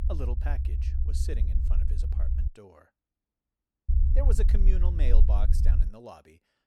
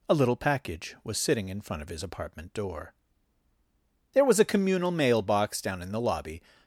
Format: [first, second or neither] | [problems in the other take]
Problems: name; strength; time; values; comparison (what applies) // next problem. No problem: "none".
second | low rumble; loud; until 2.5 s and from 4 to 6 s; 5 dB below the speech